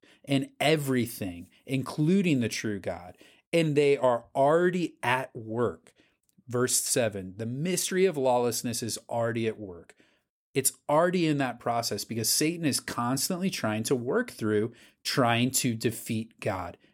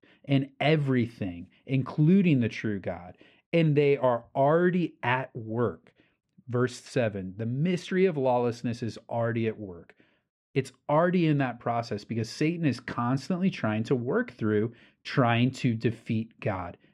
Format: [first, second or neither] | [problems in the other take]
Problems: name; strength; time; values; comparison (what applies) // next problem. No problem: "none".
first | muffled; slightly; fading above 2.5 kHz